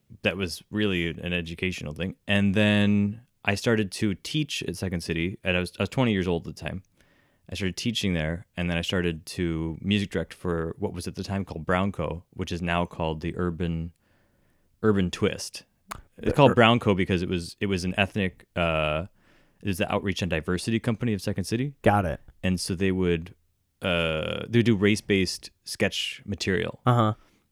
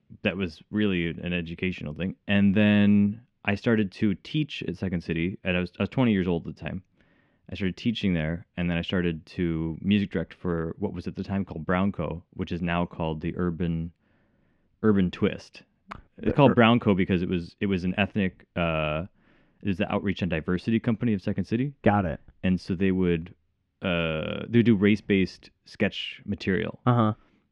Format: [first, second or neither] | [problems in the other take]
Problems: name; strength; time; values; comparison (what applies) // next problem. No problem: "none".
first | muffled; slightly; fading above 2.5 kHz